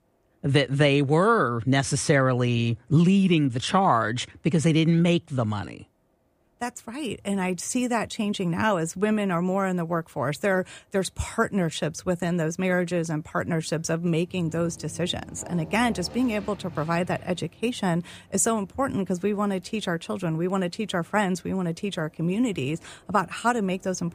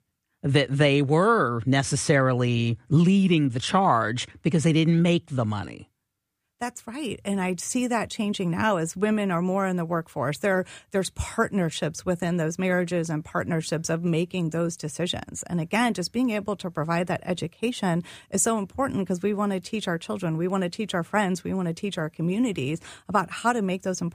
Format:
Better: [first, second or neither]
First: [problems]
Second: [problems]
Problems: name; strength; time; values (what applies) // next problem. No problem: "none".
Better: second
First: train or aircraft noise; faint; throughout; 25 dB below the speech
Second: none